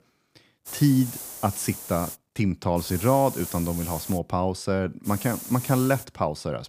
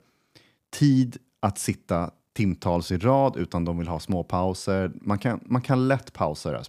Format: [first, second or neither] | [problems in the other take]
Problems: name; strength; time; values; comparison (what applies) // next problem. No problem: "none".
second | hiss; loud; from 0.5 to 2 s, from 3 to 4 s and at 5 s; 10 dB below the speech